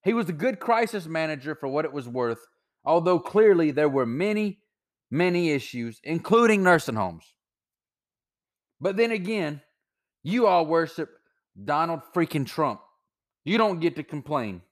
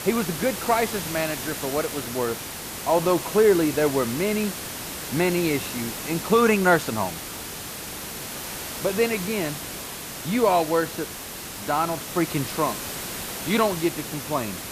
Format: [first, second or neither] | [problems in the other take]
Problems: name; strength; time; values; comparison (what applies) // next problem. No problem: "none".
first | hiss; loud; throughout; 7 dB below the speech